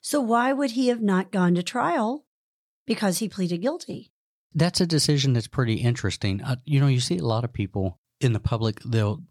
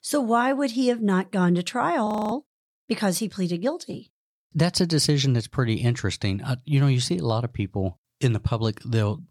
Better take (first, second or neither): first